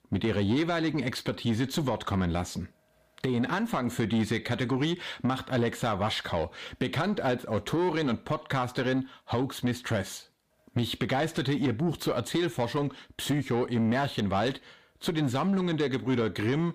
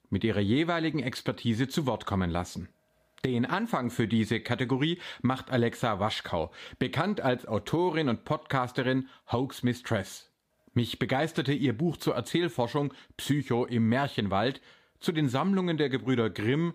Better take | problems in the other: second | distortion; slight; 10 dB below the speech

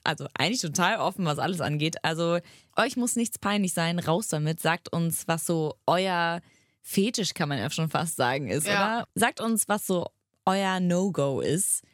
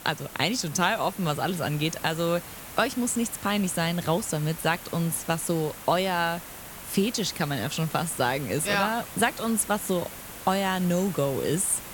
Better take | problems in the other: first | hiss; noticeable; throughout; 15 dB below the speech

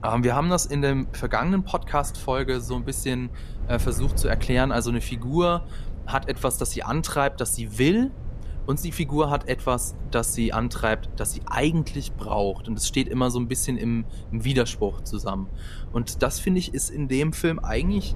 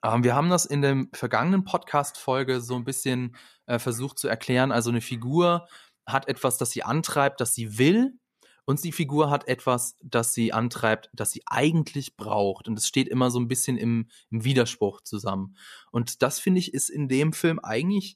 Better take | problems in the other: second | wind noise on the microphone; occasional gusts; 20 dB below the speech

